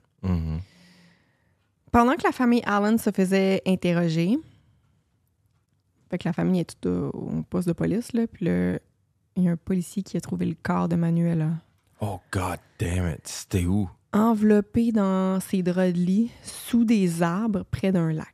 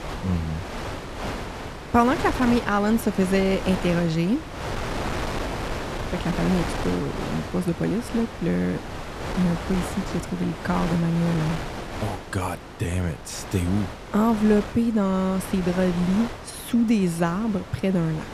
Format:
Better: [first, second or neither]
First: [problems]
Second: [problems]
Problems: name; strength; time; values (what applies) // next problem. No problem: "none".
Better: first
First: none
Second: wind noise on the microphone; heavy; 5 dB below the speech